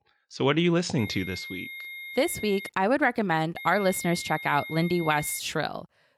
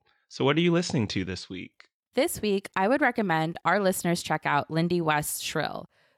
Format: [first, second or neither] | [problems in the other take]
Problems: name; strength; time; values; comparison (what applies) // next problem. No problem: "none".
second | high-pitched whine; noticeable; from 1 to 2.5 s and from 3.5 to 5.5 s; 2 kHz, 10 dB below the speech